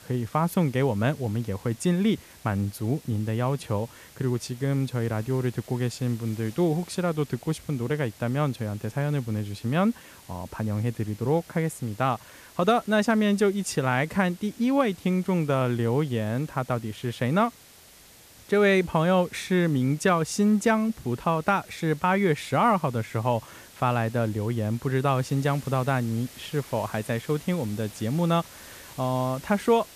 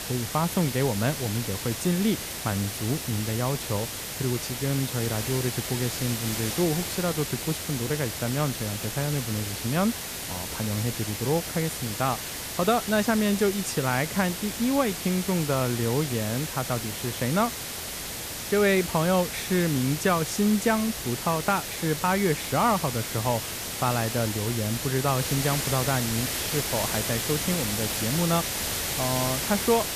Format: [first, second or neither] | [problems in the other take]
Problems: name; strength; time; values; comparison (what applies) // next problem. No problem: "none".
first | hiss; loud; throughout; 3 dB below the speech; faint in the first